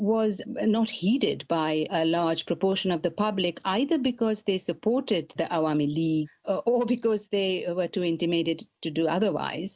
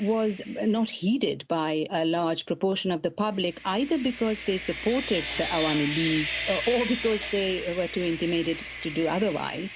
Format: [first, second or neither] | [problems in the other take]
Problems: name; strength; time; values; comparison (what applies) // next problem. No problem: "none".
first | background sound (Sawing); 10 dB below the speech